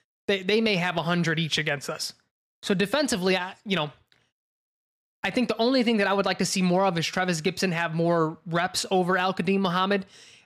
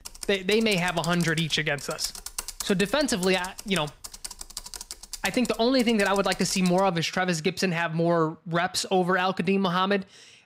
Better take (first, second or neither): first